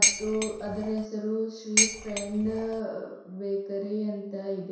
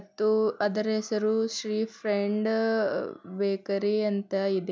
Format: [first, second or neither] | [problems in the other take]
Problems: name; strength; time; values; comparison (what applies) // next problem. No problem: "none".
second | background sound (Dishes, pots, and pans); 4 dB above the speech // room echo; dies away in 0.7 s